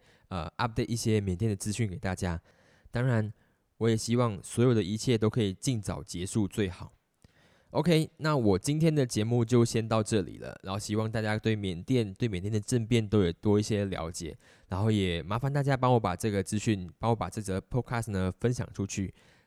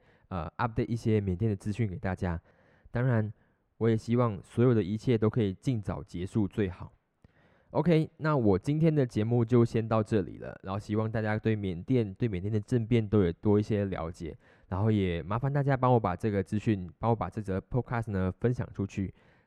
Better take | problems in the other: first | muffled; slightly; fading above 3.5 kHz

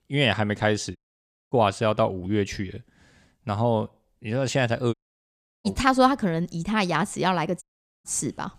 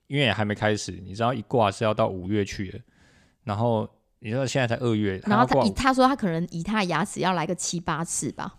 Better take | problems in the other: second | audio cutting out; at 1 s for 0.5 s, at 5 s for 0.5 s and at 7.5 s

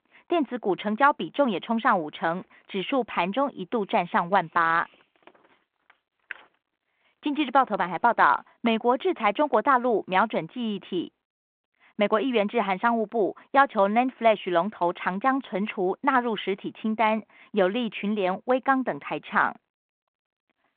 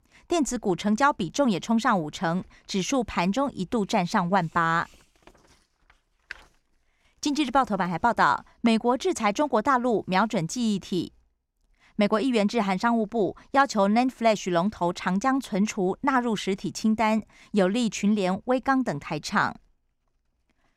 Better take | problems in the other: second | phone-call audio

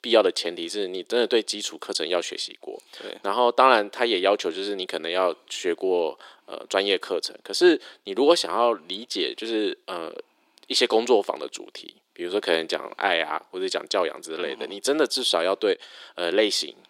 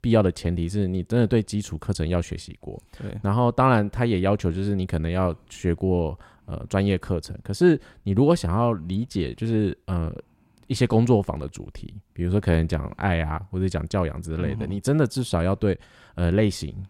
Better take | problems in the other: second | thin; very; fading below 350 Hz

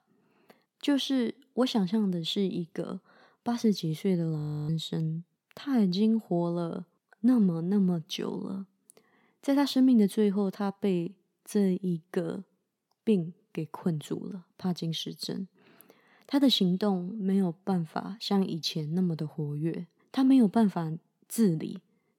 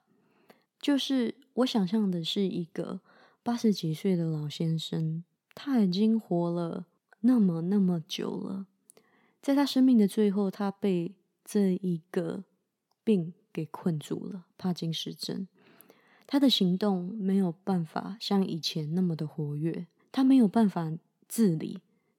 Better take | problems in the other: second | audio freezing; at 4.5 s

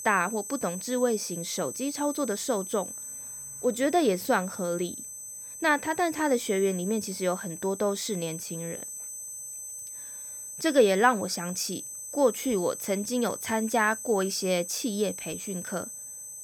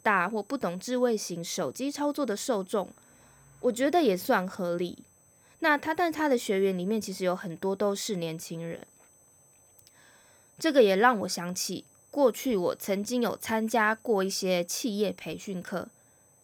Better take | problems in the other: second | high-pitched whine; loud; throughout; 8 kHz, 9 dB below the speech; faint in the second

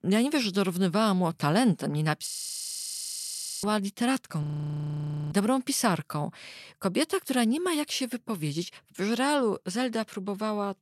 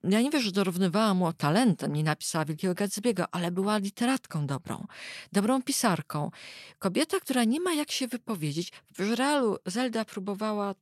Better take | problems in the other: second | audio freezing; at 2.5 s for 1.5 s and at 4.5 s for 1 s

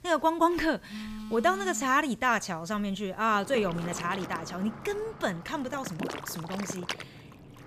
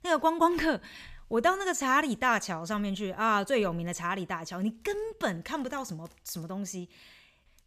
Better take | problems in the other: second | alarms or sirens; noticeable; throughout; 10 dB below the speech

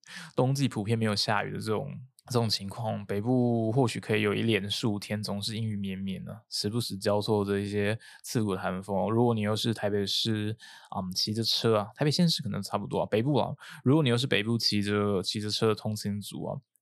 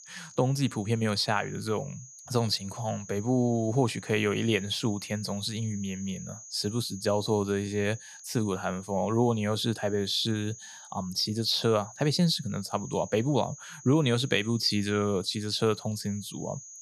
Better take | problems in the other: first | high-pitched whine; noticeable; throughout; 6.5 kHz, 15 dB below the speech

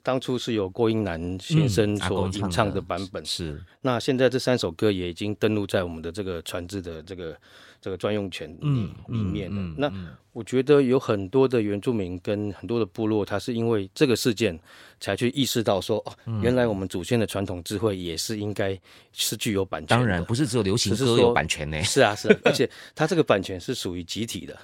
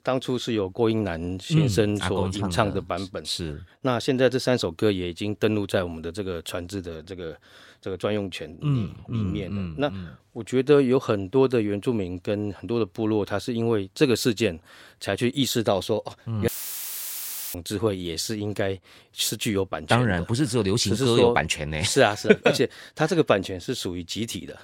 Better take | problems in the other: first | audio cutting out; filled with static; at 16 s for 1 s

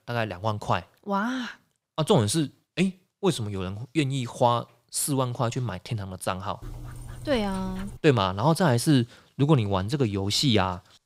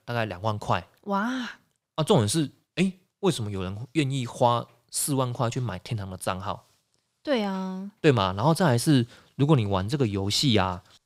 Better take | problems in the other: second | dog barking; faint; from 6.5 to 8 s; peak 15 dB below the speech

